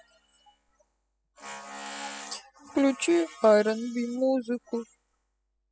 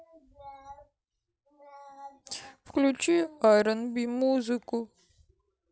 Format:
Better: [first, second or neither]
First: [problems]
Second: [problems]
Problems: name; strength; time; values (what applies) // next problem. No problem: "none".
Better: second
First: noise reduction (classical method spectral subtraction)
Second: none